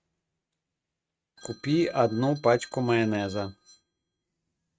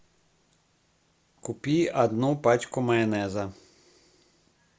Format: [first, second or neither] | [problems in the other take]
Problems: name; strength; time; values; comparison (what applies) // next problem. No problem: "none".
second | noise reduction (neural mask model RNNoise)